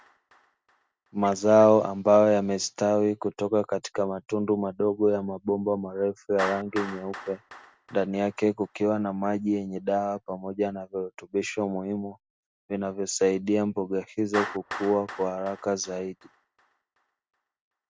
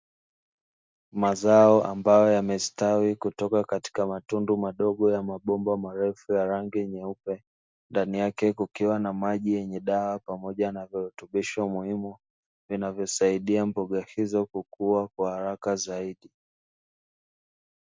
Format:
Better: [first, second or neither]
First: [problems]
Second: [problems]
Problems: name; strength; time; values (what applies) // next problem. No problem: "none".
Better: second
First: background sound (Clapping); 17 dB below the speech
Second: none